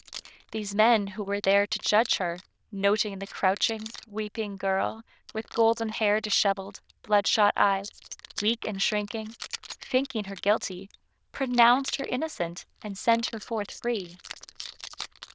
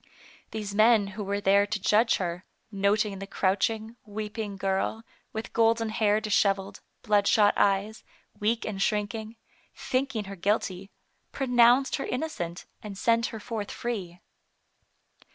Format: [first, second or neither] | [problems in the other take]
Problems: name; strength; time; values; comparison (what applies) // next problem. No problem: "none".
second | noise reduction (neural diffusion model UNIVERSE++)